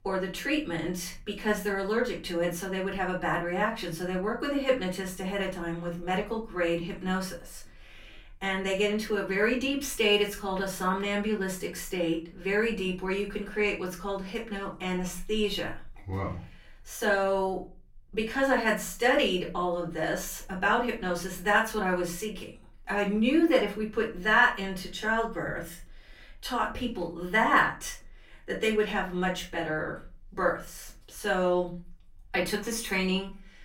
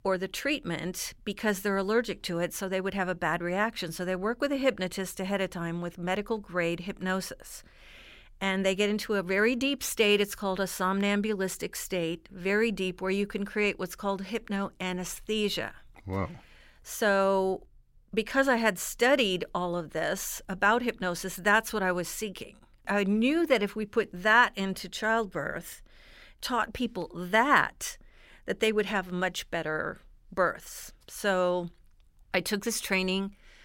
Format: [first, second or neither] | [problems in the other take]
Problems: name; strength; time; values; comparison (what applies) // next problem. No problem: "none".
second | off-mic speech; far // room echo; slight; dies away in 0.3 s